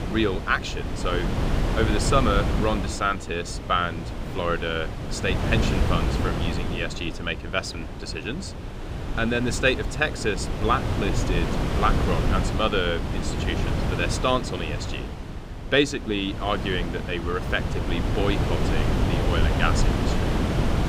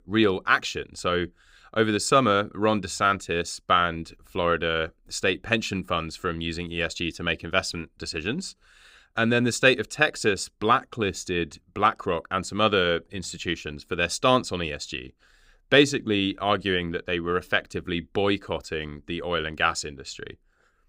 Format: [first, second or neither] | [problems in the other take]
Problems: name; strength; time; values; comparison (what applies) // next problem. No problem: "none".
second | wind noise on the microphone; heavy; 6 dB below the speech